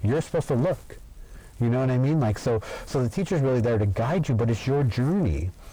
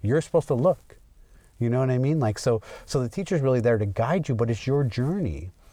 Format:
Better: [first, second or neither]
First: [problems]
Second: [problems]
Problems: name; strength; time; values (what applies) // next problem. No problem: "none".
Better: second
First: distortion; heavy; 7 dB below the speech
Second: none